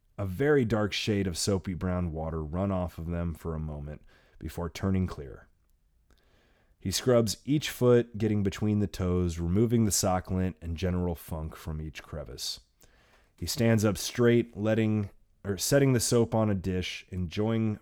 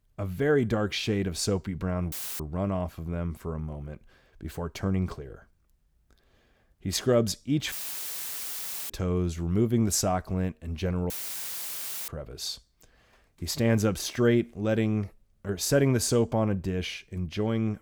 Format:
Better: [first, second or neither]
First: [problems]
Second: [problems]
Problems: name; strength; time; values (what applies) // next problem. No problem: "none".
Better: first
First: none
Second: audio cutting out; filled with static; at 2 s, at 7.5 s for 1 s and at 11 s for 1 s